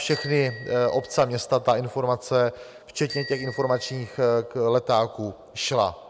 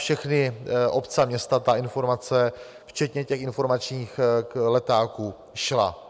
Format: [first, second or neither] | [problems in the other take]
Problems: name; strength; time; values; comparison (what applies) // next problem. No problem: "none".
second | background sound (Bicycle bell); 18 dB below the speech